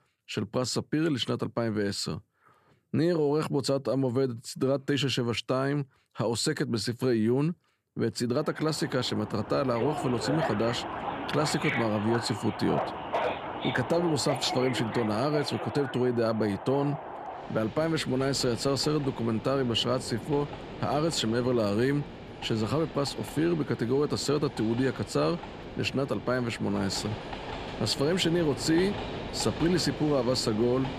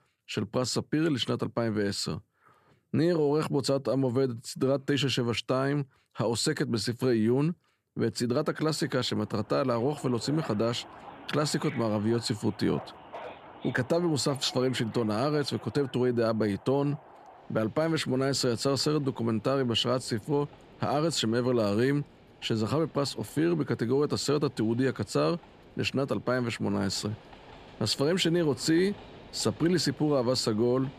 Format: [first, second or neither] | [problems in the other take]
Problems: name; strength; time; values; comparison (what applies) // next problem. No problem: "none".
second | train or aircraft noise; loud; from 9 s on; 8 dB below the speech; faint in the second